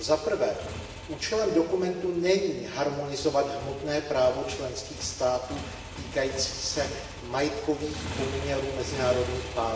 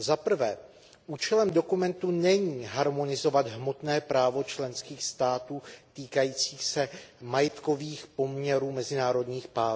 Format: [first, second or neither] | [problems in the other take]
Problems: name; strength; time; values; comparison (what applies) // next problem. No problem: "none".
second | background sound (Motorcycle); 11 dB below the speech // room echo; dies away in 1.3 s